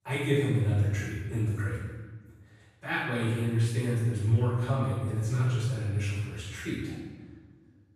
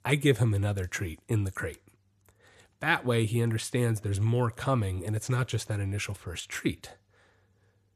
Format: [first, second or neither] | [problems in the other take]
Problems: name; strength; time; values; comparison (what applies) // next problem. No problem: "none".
second | off-mic speech; far // room echo; strong; dies away in 1.3 s